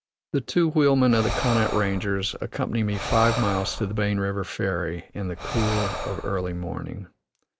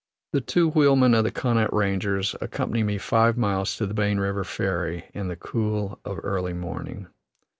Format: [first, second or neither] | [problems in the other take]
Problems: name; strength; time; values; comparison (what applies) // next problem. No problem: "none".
second | background sound (Breathing); 7 dB below the speech